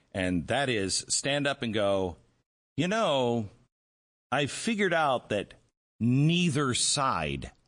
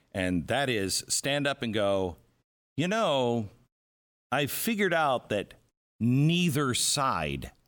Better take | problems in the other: second | garbled, watery; slightly; nothing above 9.5 kHz

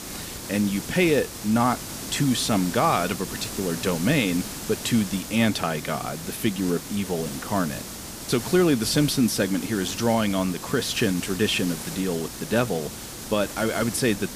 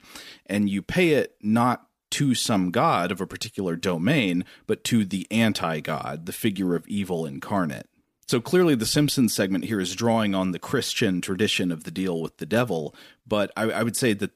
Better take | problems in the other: second | hiss; loud; throughout; 9 dB below the speech

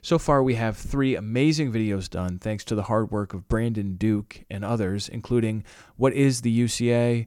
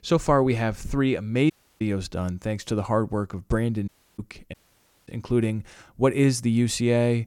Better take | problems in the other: first | audio cutting out; at 1.5 s, at 4 s and at 4.5 s for 0.5 s

